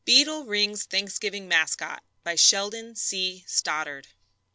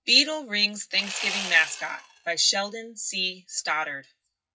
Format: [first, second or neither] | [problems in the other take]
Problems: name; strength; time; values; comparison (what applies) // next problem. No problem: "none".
first | noise reduction (classical method WPE with log-MMSE)